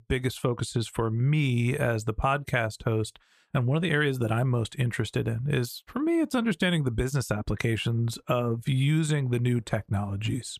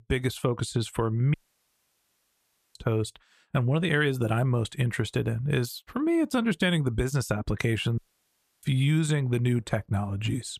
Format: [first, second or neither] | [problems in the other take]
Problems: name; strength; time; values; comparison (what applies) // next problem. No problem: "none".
first | audio cutting out; at 1.5 s for 1.5 s and at 8 s for 0.5 s